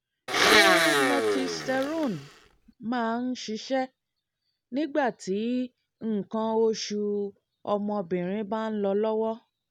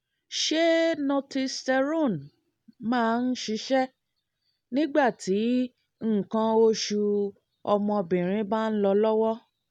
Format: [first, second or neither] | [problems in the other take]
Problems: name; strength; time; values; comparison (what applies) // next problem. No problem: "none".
second | background sound (Domestic sounds, home sounds); 4 dB above the speech